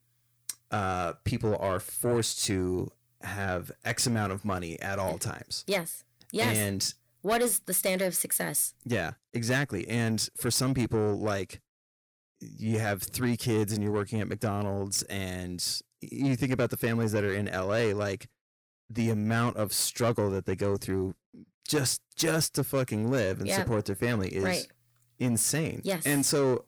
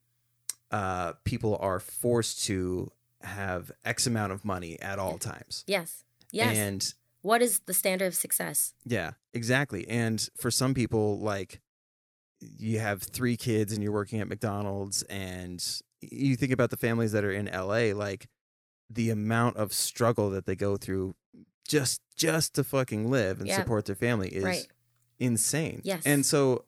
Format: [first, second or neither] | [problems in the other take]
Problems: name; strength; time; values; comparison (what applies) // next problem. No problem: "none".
second | distortion; slight; 10 dB below the speech